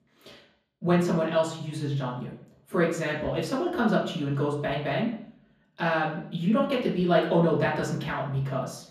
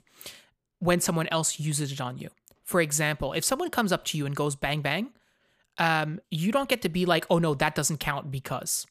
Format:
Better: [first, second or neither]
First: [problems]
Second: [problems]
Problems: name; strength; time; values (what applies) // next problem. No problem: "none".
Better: second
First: room echo; noticeable; dies away in 0.6 s // off-mic speech; far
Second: none